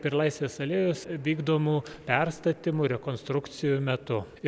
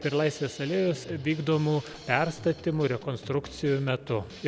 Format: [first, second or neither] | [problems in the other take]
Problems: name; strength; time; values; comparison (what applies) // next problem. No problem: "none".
first | background sound (Drum kit); 18 dB below the speech